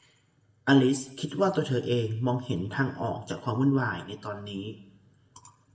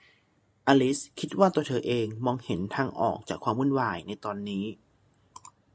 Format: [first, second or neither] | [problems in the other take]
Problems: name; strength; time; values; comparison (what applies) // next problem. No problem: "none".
second | room echo; dies away in 0.7 s